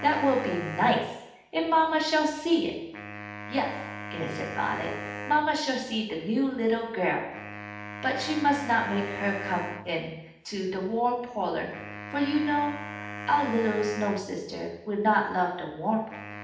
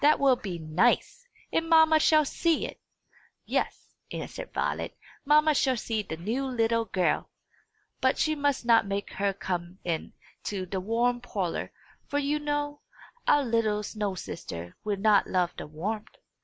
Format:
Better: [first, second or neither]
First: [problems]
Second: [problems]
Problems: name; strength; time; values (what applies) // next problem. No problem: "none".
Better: second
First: background sound (Wind instrument, woodwind instrument); 12 dB below the speech // room echo; dies away in 0.8 s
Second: none